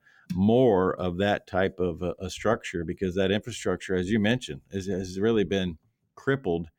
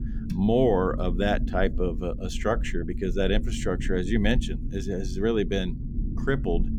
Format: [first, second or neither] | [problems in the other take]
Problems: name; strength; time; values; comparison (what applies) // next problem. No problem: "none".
first | low rumble; noticeable; throughout; 15 dB below the speech